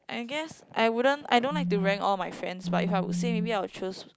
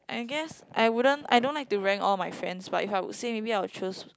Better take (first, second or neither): second